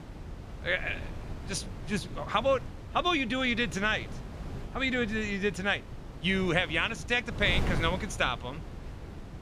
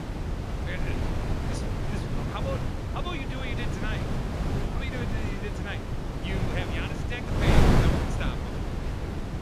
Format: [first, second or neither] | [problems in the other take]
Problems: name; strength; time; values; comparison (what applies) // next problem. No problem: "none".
first | wind noise on the microphone; heavy; 3 dB above the speech; occasional gusts in the first